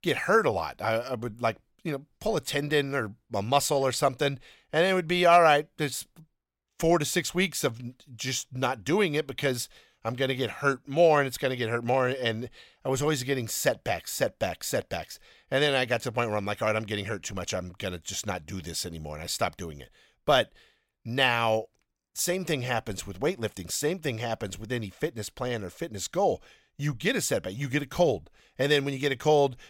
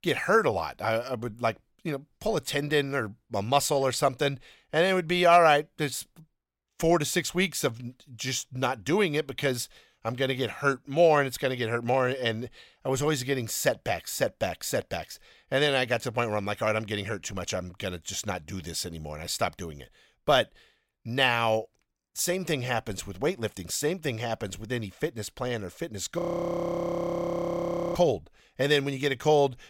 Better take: first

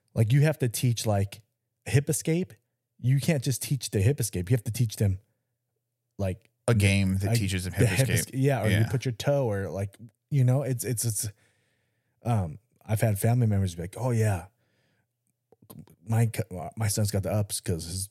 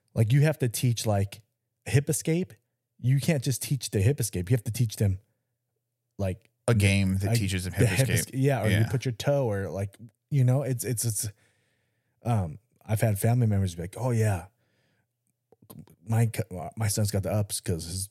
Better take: neither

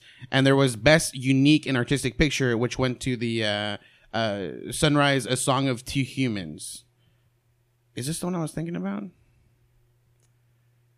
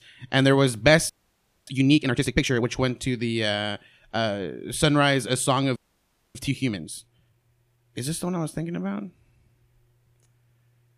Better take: first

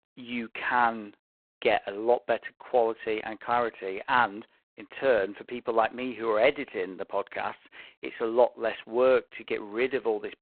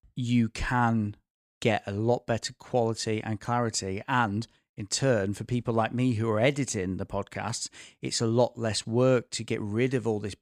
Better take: second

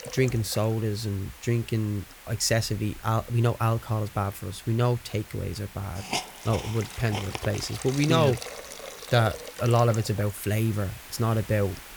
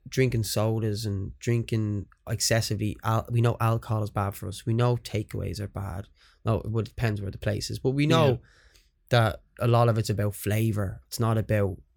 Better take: second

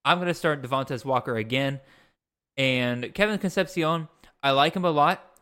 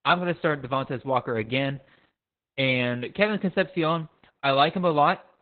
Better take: first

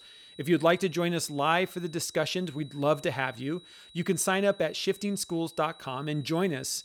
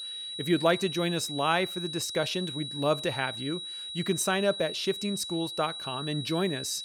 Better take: first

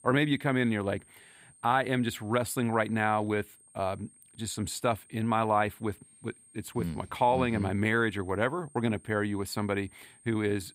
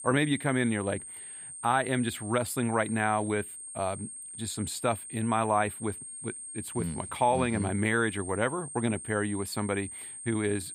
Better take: first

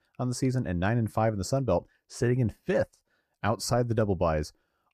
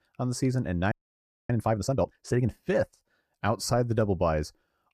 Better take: first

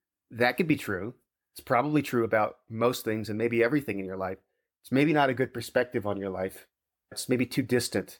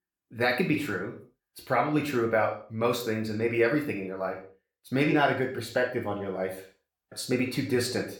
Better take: first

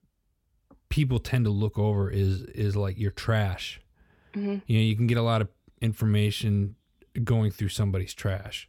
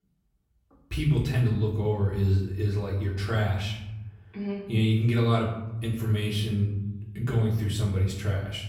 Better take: first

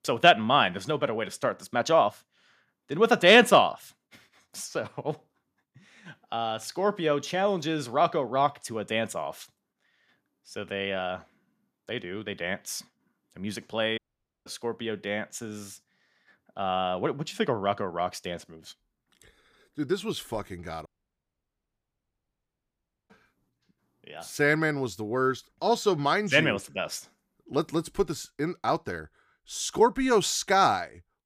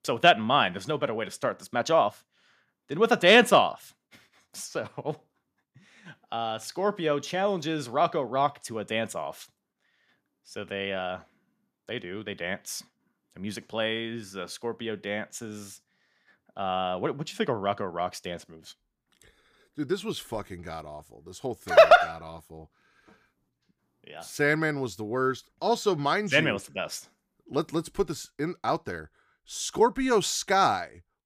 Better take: second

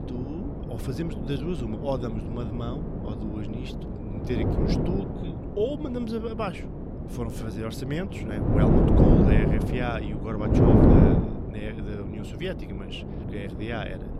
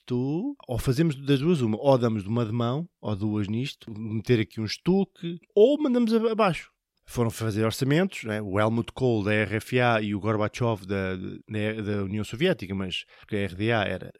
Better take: second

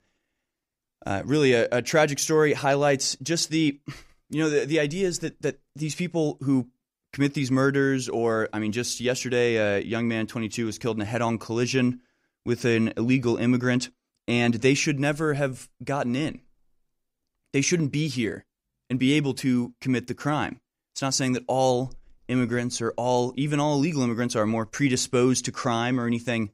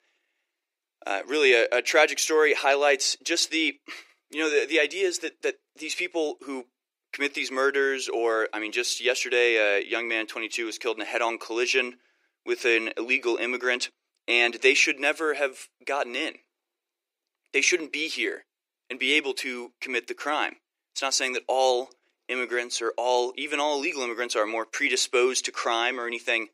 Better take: first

